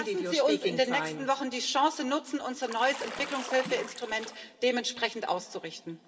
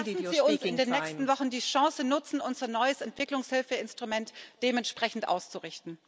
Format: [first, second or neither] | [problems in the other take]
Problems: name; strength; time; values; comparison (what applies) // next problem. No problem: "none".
second | background sound (Bathtub (filling or washing) / Splash, splatter); 11 dB below the speech // room echo; dies away in 2 s